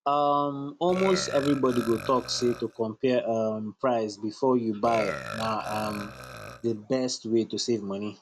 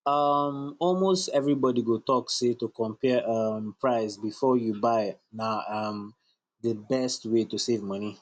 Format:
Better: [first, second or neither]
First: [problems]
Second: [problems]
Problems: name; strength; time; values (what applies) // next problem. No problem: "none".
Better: second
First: background sound (Burping, eructation); 13 dB below the speech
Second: none